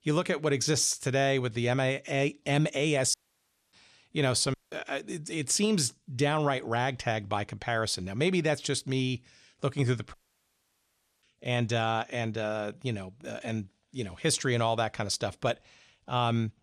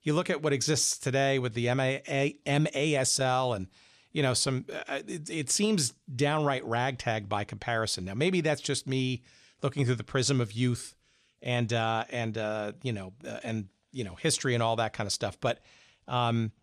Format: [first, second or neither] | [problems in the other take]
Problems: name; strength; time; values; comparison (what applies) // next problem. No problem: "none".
second | audio cutting out; at 3 s for 0.5 s, at 4.5 s and at 10 s for 1 s